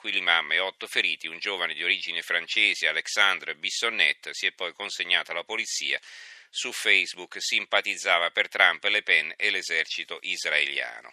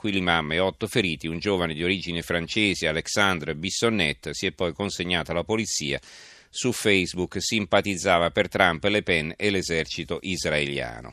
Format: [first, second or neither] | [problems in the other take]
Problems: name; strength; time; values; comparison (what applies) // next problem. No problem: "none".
second | thin; very; fading below 600 Hz